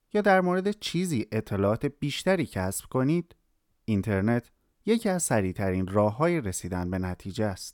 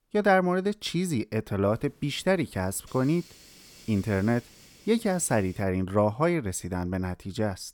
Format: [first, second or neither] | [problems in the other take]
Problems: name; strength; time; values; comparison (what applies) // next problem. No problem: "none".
first | hiss; faint; from 1.5 to 5.5 s; 25 dB below the speech